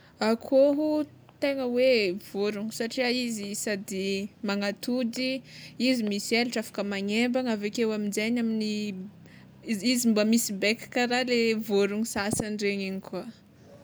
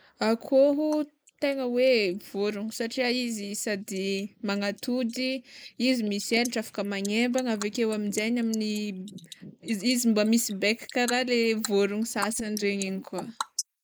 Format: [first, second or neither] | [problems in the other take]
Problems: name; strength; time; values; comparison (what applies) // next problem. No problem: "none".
first | noise reduction (neural mask model Resemble Enhance denoiser)